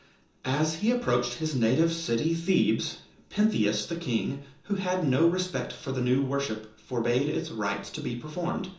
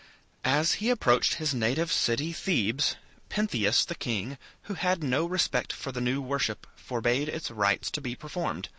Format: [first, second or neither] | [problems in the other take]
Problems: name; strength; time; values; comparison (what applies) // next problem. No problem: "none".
second | room echo; dies away in 0.6 s